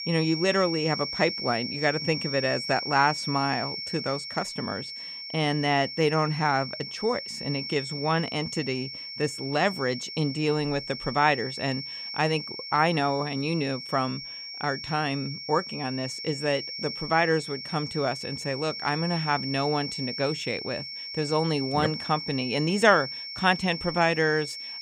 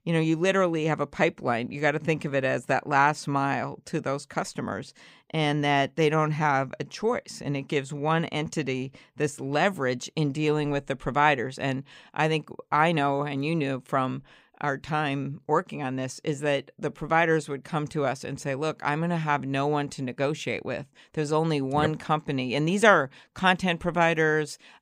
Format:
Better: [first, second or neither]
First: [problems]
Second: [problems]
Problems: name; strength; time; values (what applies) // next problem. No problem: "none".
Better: second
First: high-pitched whine; loud; throughout; 5.5 kHz, 6 dB below the speech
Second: none